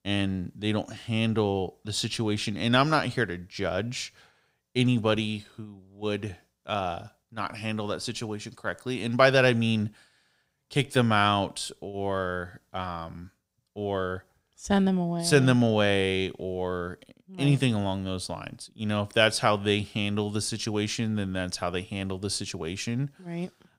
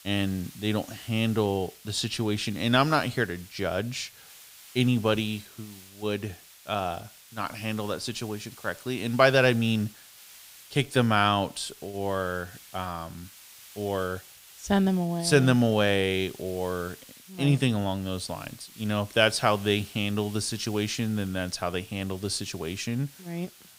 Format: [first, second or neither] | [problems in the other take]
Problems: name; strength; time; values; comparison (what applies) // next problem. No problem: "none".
first | hiss; faint; throughout; 20 dB below the speech